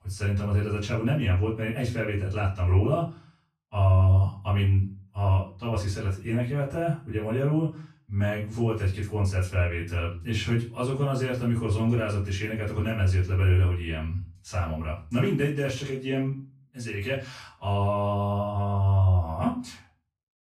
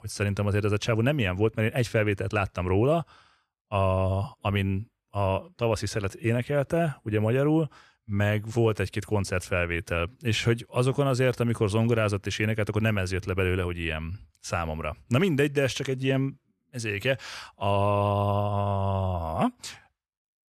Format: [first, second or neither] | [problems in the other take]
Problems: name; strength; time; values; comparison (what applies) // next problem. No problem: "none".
second | room echo; slight; dies away in 0.3 s // off-mic speech; far